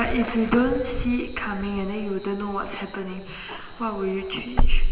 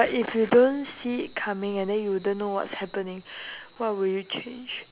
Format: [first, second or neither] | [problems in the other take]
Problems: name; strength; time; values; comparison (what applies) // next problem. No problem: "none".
second | background sound (Wind / Car); 1 dB above the speech // room echo; dies away in 1.9 s